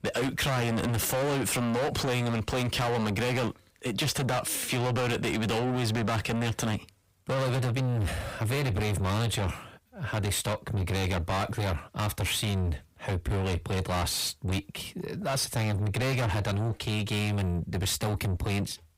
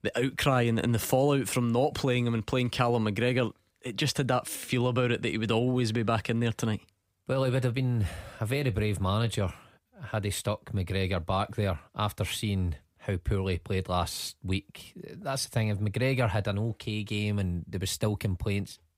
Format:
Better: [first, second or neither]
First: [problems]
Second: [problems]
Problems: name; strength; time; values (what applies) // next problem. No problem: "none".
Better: second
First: distortion; heavy; 5 dB below the speech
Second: none